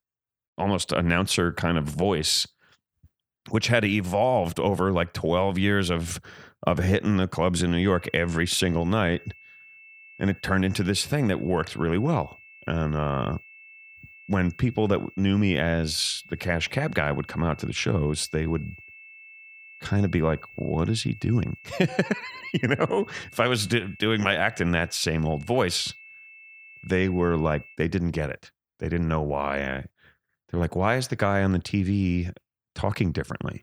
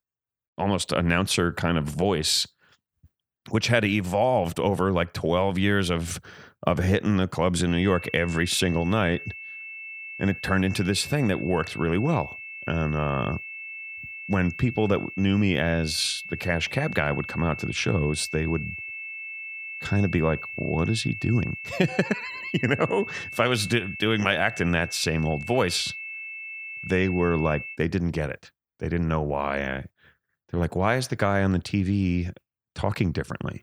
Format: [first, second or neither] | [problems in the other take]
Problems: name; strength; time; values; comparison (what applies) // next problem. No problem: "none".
first | high-pitched whine; loud; from 7.5 to 28 s; 2.5 kHz, 10 dB below the speech; faint in the first